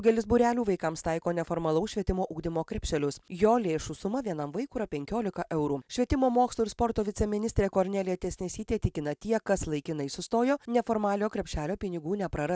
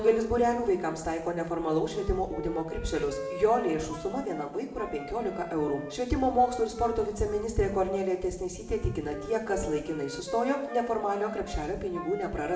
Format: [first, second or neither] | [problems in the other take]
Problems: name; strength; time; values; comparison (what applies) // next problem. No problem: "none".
first | background sound (Wind instrument, woodwind instrument); 13 dB below the speech // room echo; dies away in 1 s